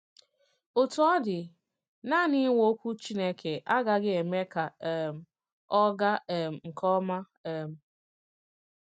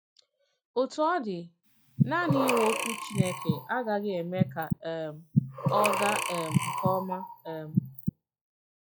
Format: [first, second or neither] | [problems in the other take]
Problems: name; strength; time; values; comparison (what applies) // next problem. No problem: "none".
first | noise reduction (classical method log-MMSE)